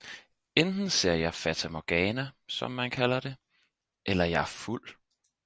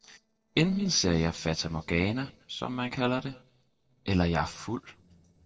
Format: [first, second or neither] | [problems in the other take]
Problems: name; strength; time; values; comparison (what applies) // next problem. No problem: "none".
first | noise reduction (neural separator model SepFormer DNS4)